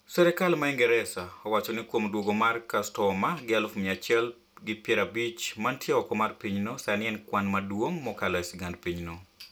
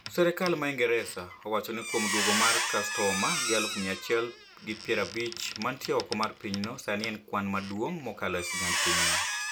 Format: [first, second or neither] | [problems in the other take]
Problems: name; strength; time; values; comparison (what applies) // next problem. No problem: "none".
first | background sound (Squeak); 2 dB below the speech